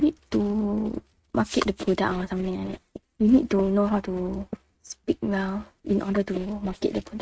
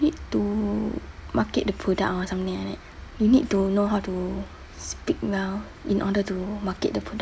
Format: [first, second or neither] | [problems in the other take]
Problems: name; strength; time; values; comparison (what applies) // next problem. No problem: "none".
second | noise reduction (neural mask model RNNoise)